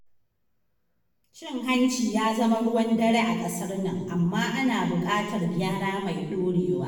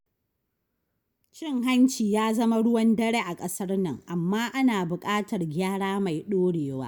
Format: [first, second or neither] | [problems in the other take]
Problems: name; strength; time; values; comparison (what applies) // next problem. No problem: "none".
second | room echo; dies away in 1 s